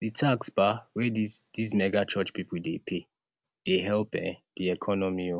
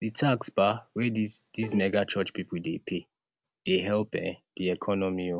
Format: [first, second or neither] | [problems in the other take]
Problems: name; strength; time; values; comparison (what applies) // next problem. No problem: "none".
first | background sound (Bowed string instrument); 17 dB below the speech